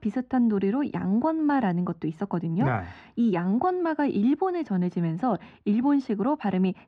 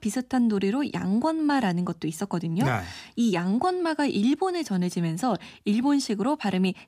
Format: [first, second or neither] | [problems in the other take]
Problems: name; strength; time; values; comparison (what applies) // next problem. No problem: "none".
second | muffled; very; fading above 1.5 kHz